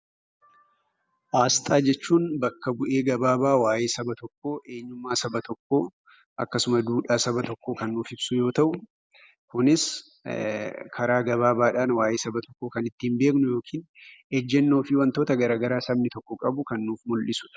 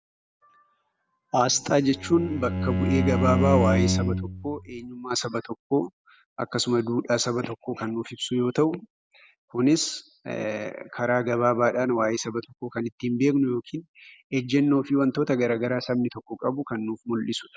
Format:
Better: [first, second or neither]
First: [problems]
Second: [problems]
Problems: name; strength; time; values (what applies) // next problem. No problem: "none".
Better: first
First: none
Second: background sound (Bowed string instrument); as loud as the speech